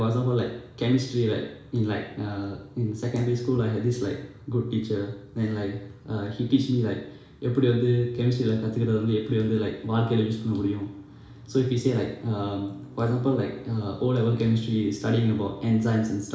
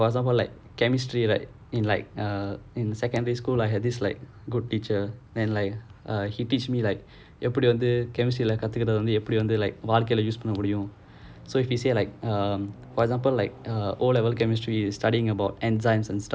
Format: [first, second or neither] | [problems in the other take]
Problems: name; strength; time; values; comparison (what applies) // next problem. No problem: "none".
second | room echo; dies away in 0.7 s